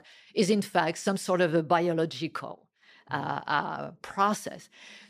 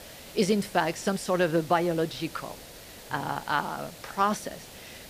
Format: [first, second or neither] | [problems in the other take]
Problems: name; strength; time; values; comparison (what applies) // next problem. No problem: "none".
first | hiss; noticeable; throughout; 15 dB below the speech